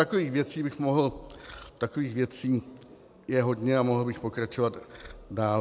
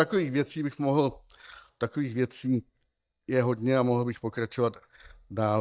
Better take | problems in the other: first | noise reduction (neural mask model DeepFilterNet 3)

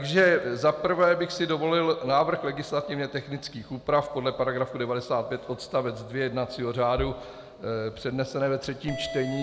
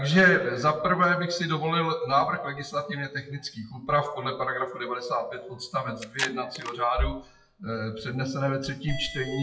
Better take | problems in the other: first | noise reduction (classical method WPE with log-MMSE)

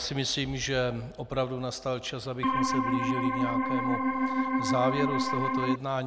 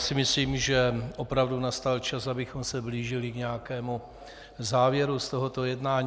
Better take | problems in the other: second | background sound (Organ); 5 dB above the speech

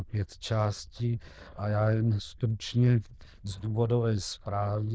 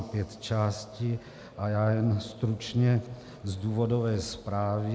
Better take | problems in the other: second | noise reduction (neural diffusion model UNIVERSE++)

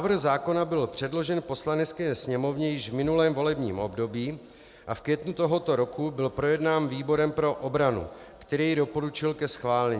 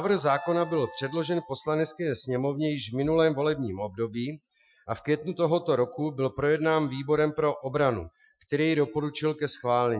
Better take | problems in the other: first | noise reduction (classical method Wiener filter)

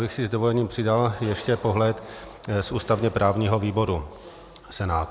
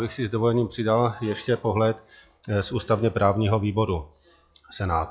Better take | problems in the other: first | noise reduction (classical method log-MMSE)

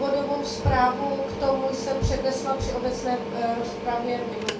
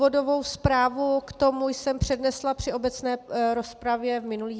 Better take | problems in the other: second | background sound (Mechanical fan); 6 dB below the speech // room echo; dies away in 0.3 s

